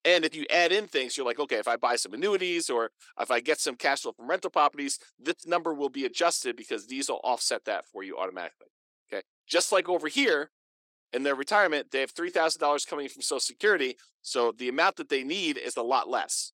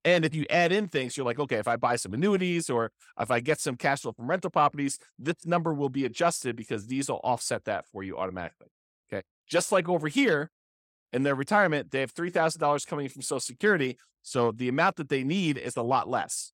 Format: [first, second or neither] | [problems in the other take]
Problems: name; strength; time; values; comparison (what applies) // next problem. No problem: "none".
second | thin; somewhat; fading below 350 Hz